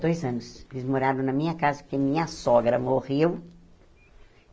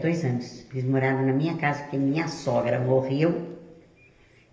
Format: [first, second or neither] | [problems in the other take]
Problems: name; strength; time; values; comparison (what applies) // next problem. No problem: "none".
first | room echo; dies away in 1.4 s